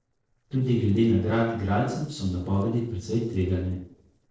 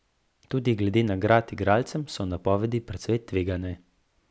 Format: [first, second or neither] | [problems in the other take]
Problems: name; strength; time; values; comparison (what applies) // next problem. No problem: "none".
second | noise reduction (neural separator model SepFormer DNS4)